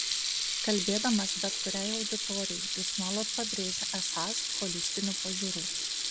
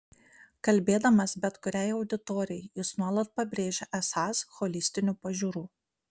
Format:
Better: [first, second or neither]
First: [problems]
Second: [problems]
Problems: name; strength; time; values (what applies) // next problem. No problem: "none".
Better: second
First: background sound (Sink (filling or washing) / Water tap, faucet); 3 dB above the speech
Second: none